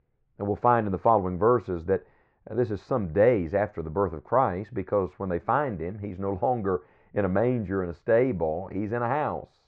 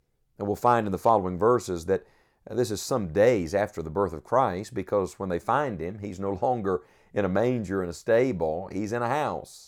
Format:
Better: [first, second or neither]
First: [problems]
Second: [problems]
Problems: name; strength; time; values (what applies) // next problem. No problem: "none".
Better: second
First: muffled; very; fading above 2 kHz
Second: none